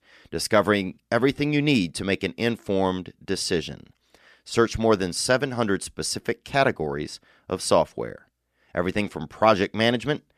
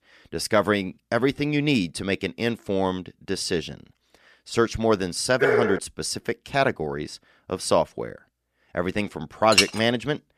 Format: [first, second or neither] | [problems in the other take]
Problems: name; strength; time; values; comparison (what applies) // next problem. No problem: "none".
first | dog barking; loud; at 5.5 s; peak 4 dB above the speech // clattering dishes; loud; at 9.5 s; peak 5 dB above the speech